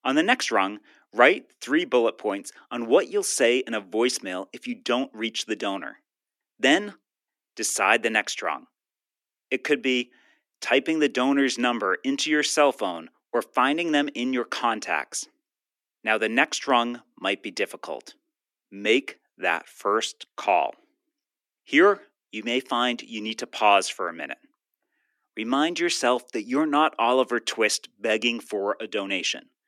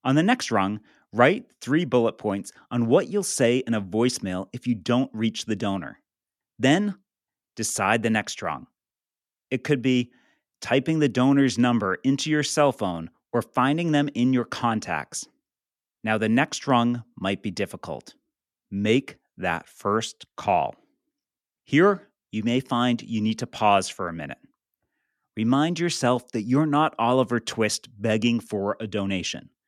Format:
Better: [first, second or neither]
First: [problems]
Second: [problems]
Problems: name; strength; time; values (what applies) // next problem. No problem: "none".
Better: second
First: thin; very slightly; fading below 300 Hz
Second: none